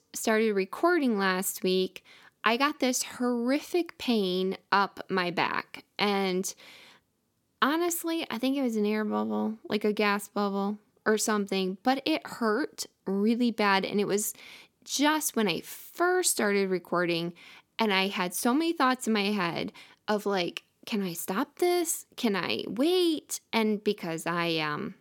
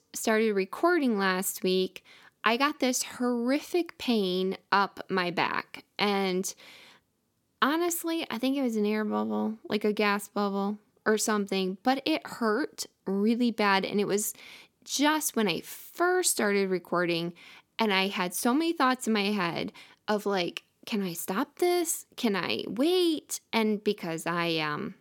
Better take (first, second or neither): neither